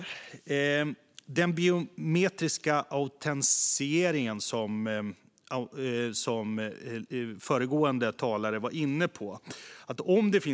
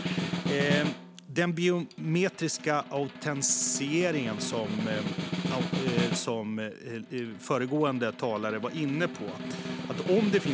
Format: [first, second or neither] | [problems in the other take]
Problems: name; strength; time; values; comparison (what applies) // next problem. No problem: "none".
first | background sound (Snare drum); 5 dB below the speech